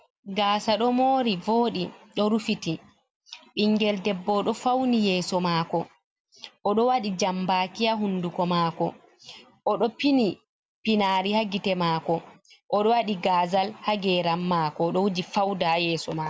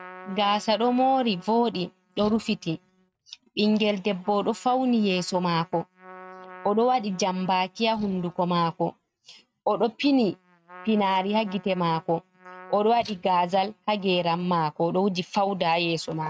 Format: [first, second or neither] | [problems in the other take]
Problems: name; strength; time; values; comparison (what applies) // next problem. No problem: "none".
first | noise reduction (neural mask model RNNoise)